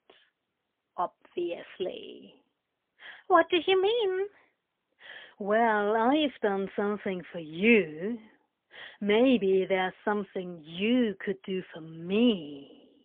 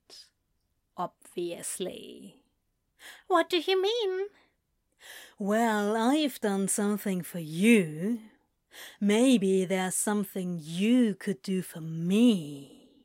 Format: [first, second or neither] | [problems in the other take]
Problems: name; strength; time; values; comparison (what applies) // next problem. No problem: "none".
second | phone-call audio; poor line; nothing above 3.5 kHz